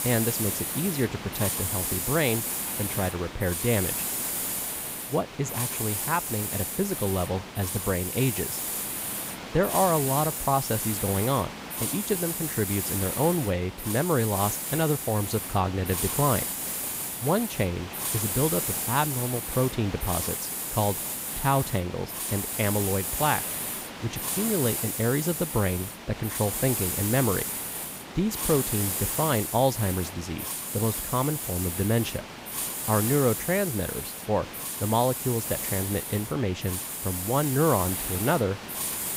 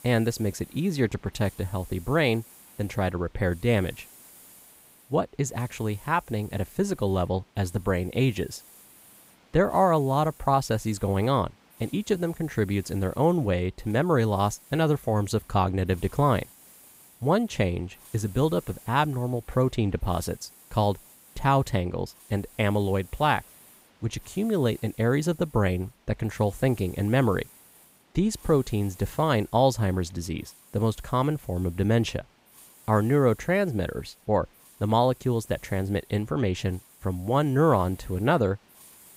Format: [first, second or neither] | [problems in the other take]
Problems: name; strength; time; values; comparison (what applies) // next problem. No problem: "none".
second | hiss; loud; throughout; 2 dB below the speech; faint in the second